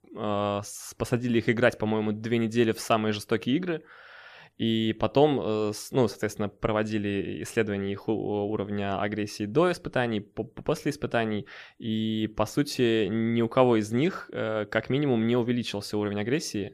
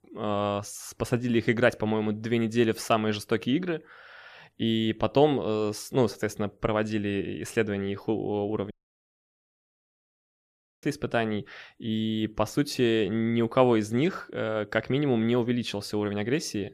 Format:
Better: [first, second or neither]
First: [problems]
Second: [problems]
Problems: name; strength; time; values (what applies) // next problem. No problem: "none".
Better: first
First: none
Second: audio cutting out; at 8.5 s for 2 s